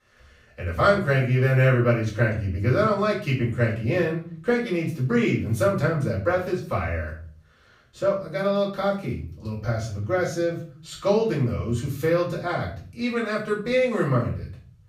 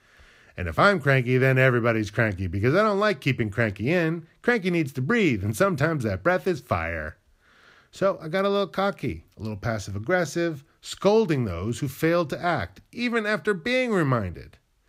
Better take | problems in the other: second | off-mic speech; far // room echo; slight; dies away in 0.4 s

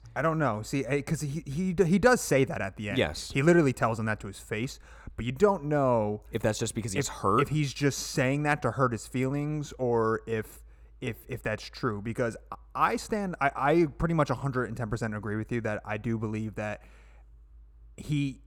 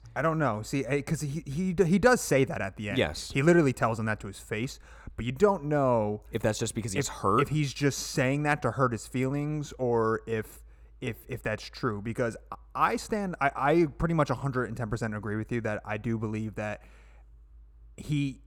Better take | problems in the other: neither | none

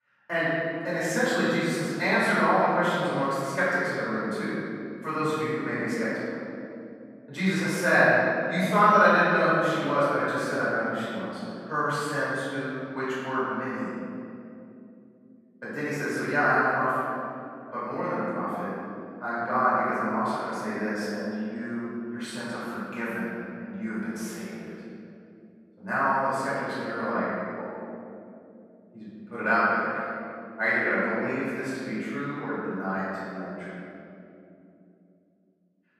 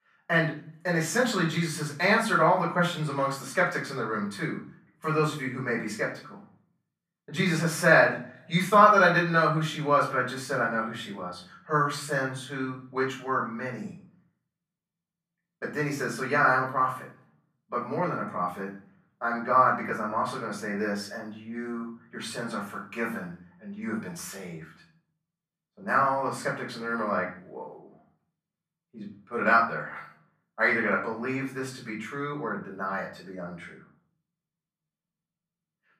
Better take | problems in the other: second | room echo; strong; dies away in 2.7 s; slight in the second // off-mic speech; far; far in the second

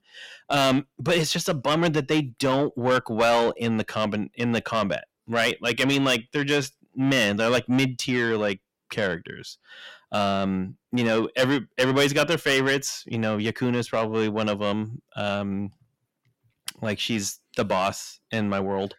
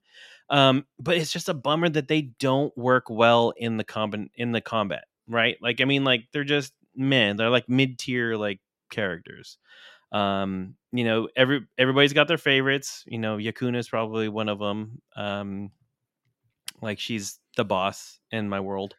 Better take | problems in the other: second | distortion; heavy; 7 dB below the speech

